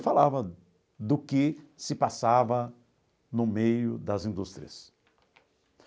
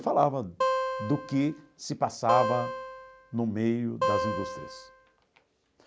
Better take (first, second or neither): first